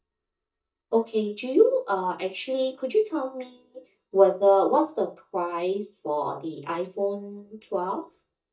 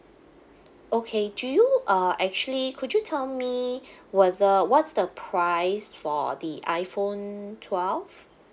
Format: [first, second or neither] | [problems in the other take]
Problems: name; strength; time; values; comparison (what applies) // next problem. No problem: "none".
second | noise reduction (neural mask model DeepFilterNet 3)